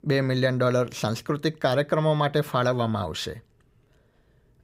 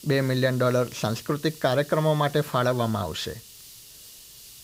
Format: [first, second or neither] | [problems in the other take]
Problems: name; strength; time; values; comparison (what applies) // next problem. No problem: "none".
first | hiss; noticeable; throughout; 20 dB below the speech